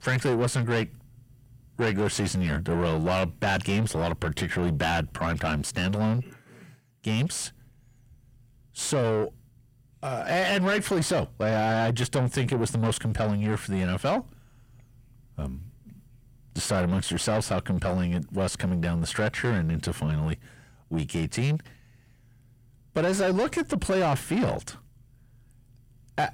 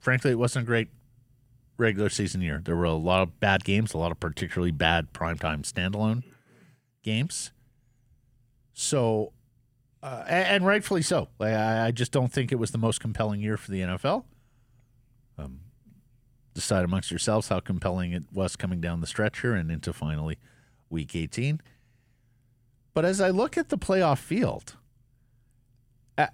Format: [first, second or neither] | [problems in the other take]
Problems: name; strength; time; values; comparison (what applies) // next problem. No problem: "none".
second | distortion; heavy; 7 dB below the speech